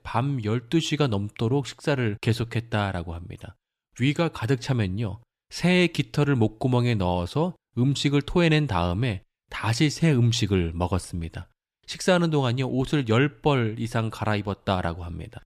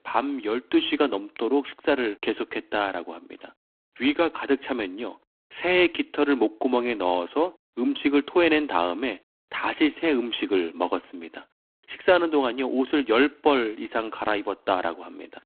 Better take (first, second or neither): first